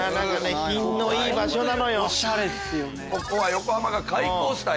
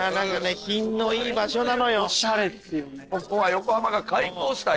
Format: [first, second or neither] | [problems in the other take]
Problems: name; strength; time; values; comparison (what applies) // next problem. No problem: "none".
first | noise reduction (neural separator model SepFormer DNS4)